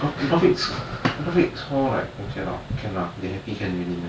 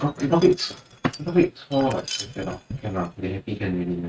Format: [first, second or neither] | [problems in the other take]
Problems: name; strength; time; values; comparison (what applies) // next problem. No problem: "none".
first | noise reduction (neural mask model RNNoise)